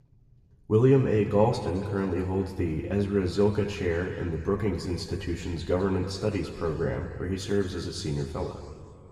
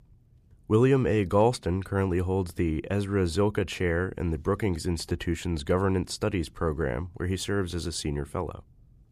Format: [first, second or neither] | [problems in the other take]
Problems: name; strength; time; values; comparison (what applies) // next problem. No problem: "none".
second | room echo; noticeable; dies away in 2.3 s // off-mic speech; somewhat distant